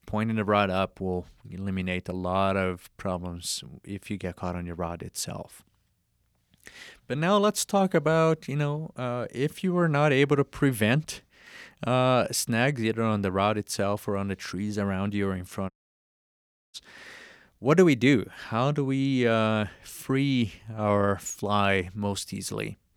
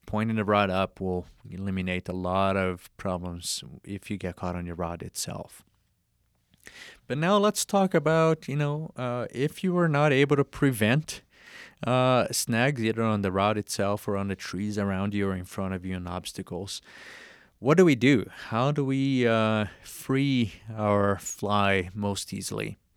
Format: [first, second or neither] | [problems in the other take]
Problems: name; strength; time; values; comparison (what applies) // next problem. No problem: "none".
second | audio cutting out; at 16 s for 1 s